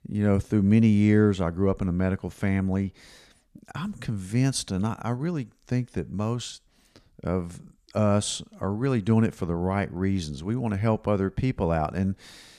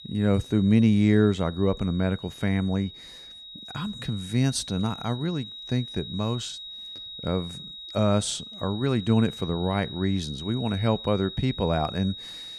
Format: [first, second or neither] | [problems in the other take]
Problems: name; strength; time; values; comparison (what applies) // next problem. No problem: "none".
first | high-pitched whine; noticeable; throughout; 4 kHz, 10 dB below the speech